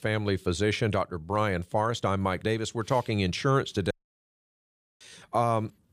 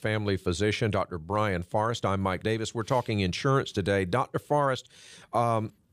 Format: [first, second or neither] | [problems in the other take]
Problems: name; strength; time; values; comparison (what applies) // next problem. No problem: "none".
second | audio cutting out; at 4 s for 1 s